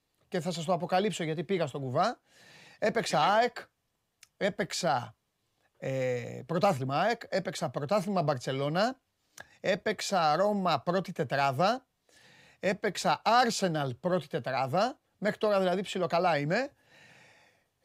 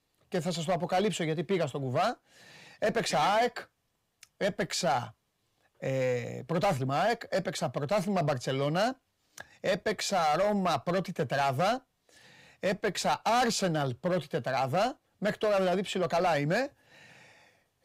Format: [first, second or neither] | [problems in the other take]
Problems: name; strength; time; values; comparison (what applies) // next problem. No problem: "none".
first | distortion; slight; 6% of the sound clipped